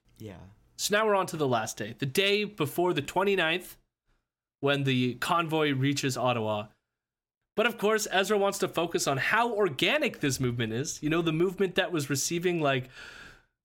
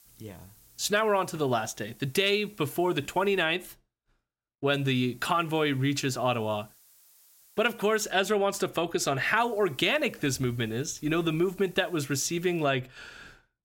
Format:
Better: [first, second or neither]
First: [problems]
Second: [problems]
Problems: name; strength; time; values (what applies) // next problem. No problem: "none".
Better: first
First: none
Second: hiss; faint; until 3.5 s, from 4.5 to 8 s and from 9.5 to 13 s; 25 dB below the speech